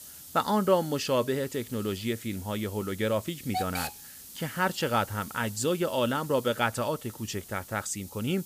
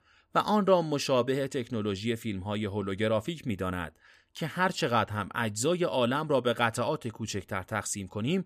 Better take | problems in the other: second | hiss; noticeable; throughout; 10 dB below the speech

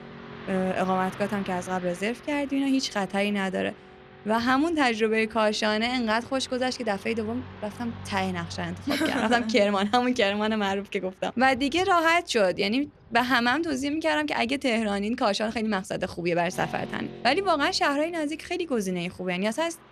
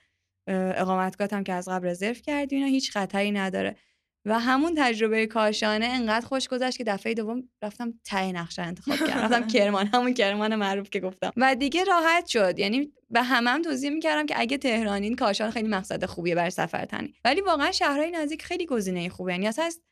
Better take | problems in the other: second | traffic noise; noticeable; throughout; 20 dB below the speech

